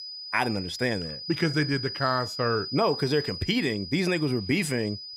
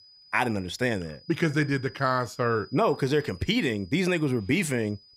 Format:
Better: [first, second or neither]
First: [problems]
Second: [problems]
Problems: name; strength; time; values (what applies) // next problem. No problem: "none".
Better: second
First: high-pitched whine; loud; throughout; 5 kHz, 8 dB below the speech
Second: high-pitched whine; faint; throughout; 5 kHz, 25 dB below the speech